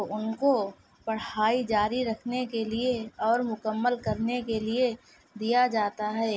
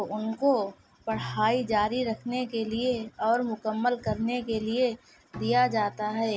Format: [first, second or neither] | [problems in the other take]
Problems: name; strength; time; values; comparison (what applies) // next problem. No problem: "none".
first | background sound (Bowed string instrument); 18 dB below the speech